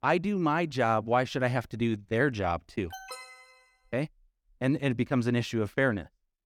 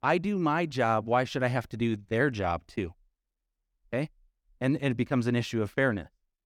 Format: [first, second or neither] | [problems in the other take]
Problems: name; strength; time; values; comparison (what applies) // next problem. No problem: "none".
second | alarm; faint; at 3 s; peak 15 dB below the speech